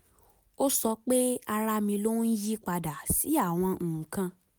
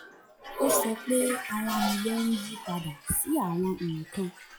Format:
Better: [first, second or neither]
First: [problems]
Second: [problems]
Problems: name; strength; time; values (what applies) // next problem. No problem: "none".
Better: first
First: none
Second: noise reduction (classical method log-MMSE)